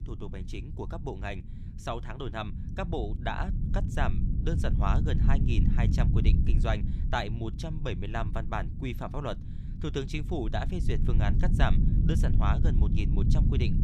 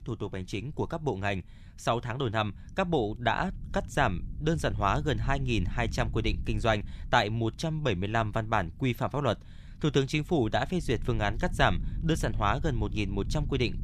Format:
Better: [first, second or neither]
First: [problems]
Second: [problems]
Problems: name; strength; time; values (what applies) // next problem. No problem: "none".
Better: second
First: low rumble; loud; throughout; 6 dB below the speech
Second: low rumble; faint; throughout; 25 dB below the speech